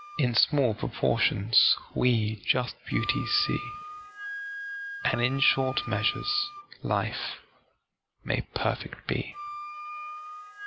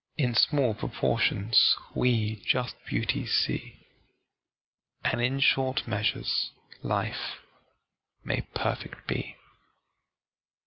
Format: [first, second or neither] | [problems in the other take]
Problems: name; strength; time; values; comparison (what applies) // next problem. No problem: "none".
second | background sound (Wind instrument, woodwind instrument); 12 dB below the speech